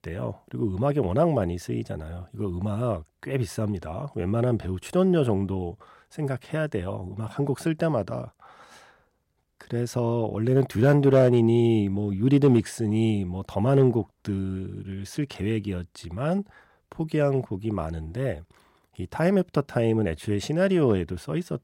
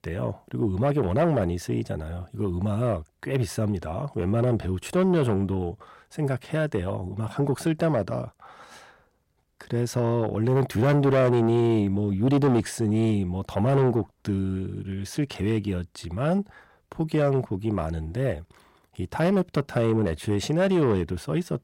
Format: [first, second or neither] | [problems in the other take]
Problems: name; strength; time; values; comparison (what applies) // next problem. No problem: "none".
first | distortion; slight; 10 dB below the speech